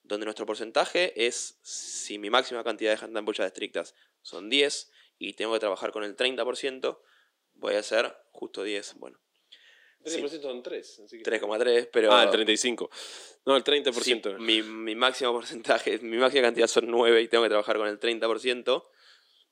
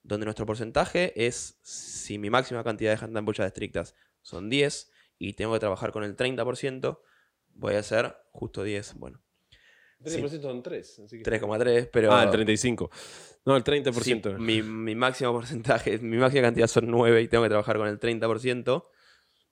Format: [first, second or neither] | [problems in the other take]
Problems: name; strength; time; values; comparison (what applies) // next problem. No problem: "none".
second | thin; somewhat; fading below 300 Hz